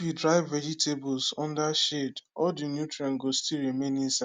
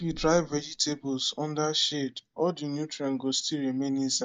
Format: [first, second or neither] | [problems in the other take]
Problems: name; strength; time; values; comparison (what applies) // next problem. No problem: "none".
first | noise reduction (neural mask model DeepFilterNet 3)